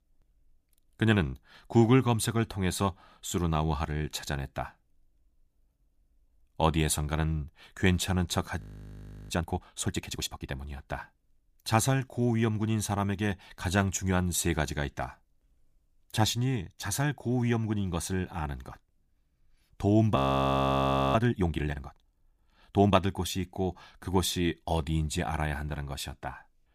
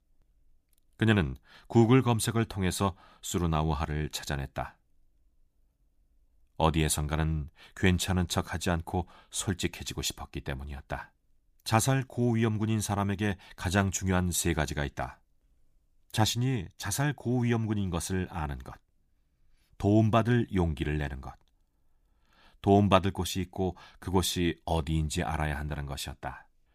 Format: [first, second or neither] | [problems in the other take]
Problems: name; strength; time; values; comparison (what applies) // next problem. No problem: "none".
second | audio freezing; at 8.5 s for 0.5 s and at 20 s for 1 s